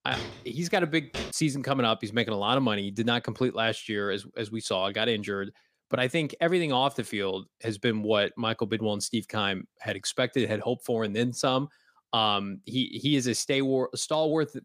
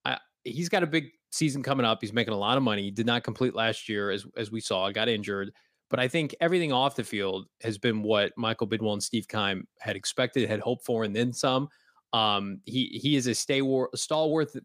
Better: second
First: footsteps; noticeable; until 1.5 s; peak 8 dB below the speech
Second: none

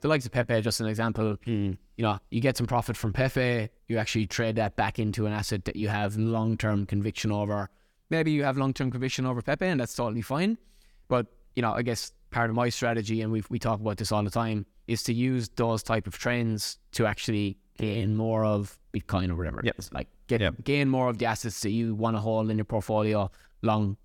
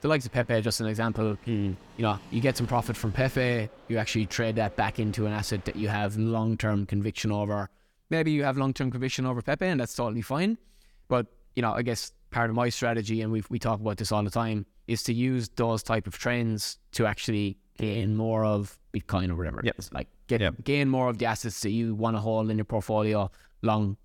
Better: first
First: none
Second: train or aircraft noise; faint; until 6 s; 20 dB below the speech

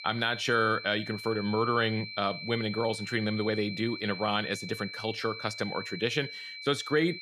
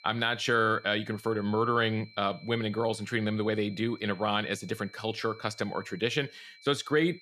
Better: second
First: high-pitched whine; loud; throughout; 2.5 kHz, 9 dB below the speech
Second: high-pitched whine; faint; throughout; 2.5 kHz, 20 dB below the speech

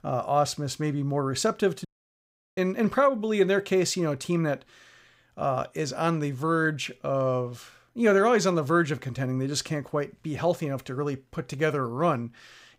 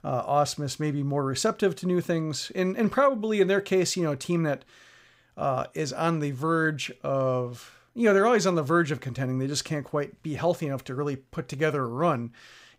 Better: second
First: audio cutting out; at 2 s for 0.5 s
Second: none

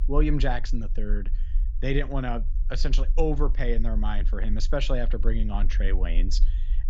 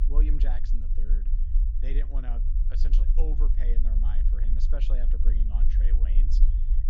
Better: first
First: low rumble; faint; throughout; 20 dB below the speech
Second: low rumble; loud; throughout; 4 dB below the speech

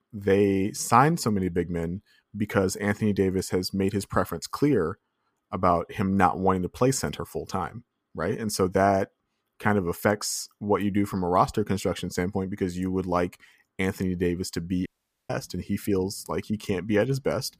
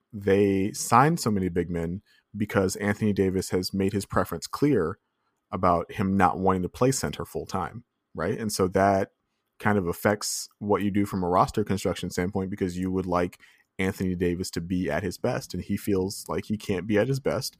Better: second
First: audio cutting out; at 15 s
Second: none

